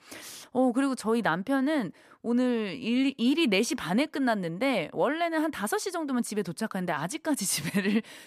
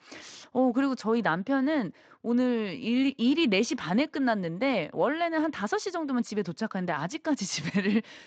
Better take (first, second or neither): first